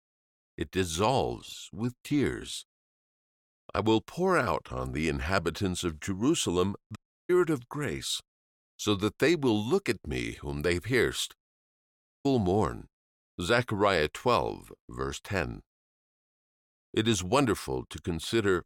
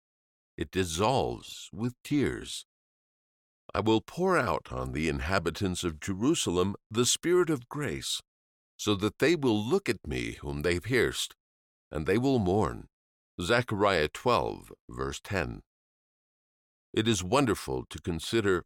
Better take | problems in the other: second | audio cutting out; at 7 s and at 12 s

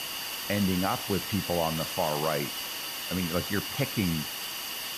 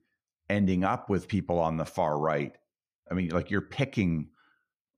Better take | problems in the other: second | hiss; loud; throughout; 2 dB below the speech

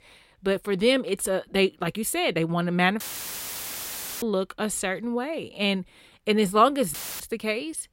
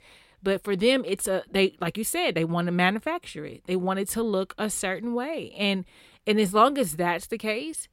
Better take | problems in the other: second | audio cutting out; filled with static; at 3 s for 1 s and at 7 s

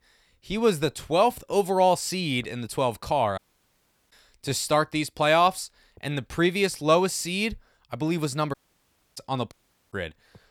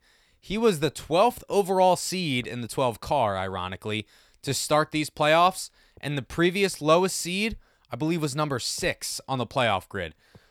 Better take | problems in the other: second | audio cutting out; at 3.5 s for 0.5 s, at 8.5 s for 0.5 s and at 9.5 s

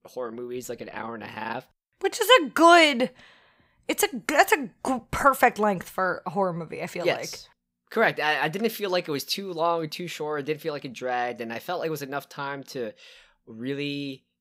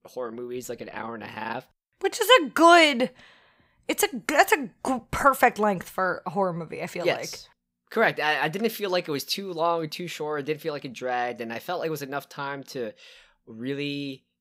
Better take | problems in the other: neither | none

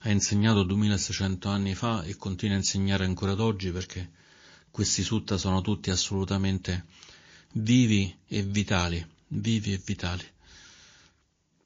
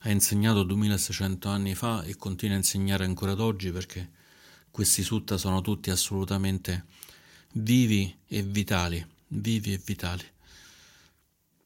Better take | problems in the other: second | garbled, watery; slightly; nothing above 16.5 kHz

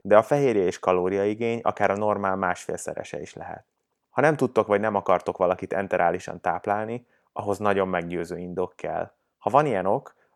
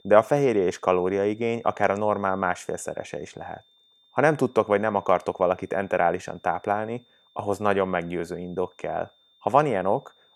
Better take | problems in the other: first | high-pitched whine; faint; throughout; 3.5 kHz, 35 dB below the speech

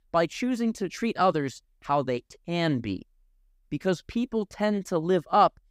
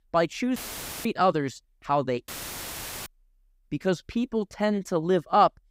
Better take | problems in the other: first | audio cutting out; filled with static; at 0.5 s and at 2.5 s for 1 s

